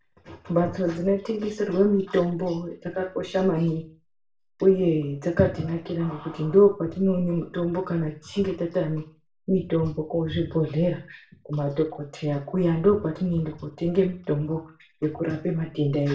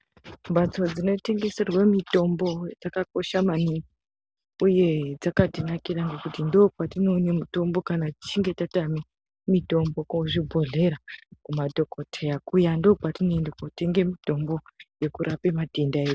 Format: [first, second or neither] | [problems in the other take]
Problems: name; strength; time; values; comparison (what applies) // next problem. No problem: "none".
second | room echo; dies away in 0.3 s